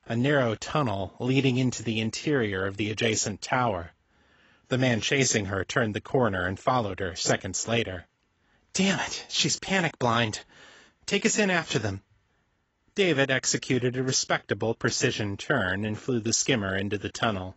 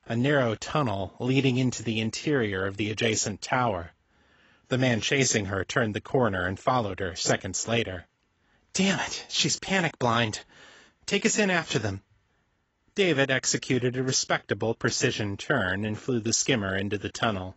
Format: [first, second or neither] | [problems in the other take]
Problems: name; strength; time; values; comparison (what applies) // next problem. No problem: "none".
neither | garbled, watery; badly; nothing above 7.5 kHz; the same in both